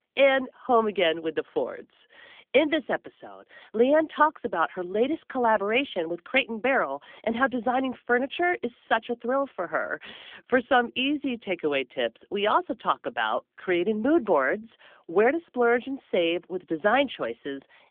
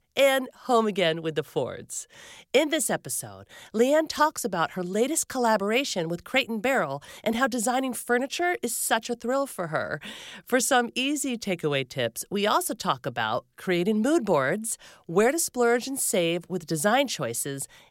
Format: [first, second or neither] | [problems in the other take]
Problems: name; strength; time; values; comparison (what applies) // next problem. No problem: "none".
second | phone-call audio; nothing above 3.5 kHz